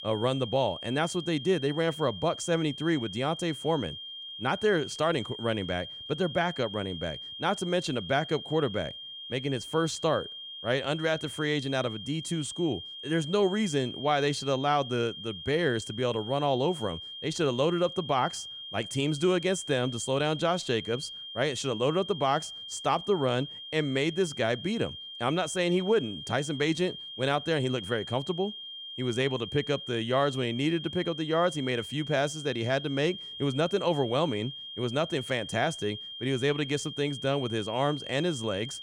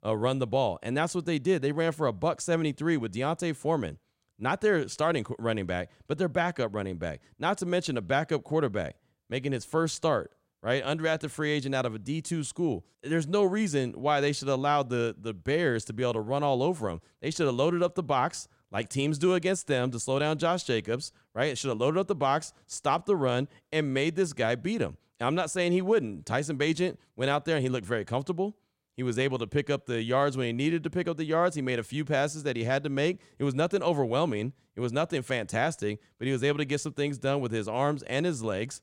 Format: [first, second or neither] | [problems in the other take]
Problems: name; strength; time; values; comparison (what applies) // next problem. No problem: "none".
second | high-pitched whine; loud; throughout; 3 kHz, 10 dB below the speech